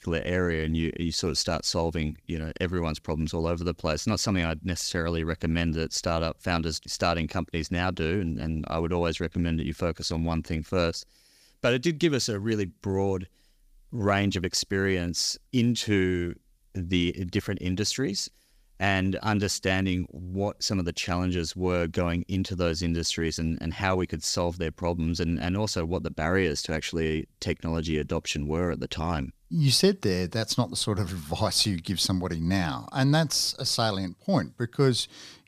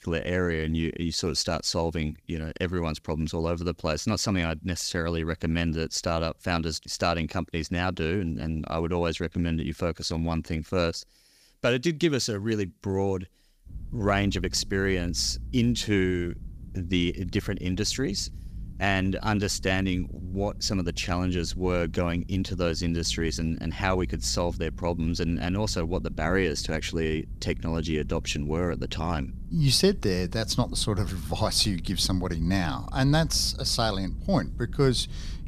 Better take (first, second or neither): first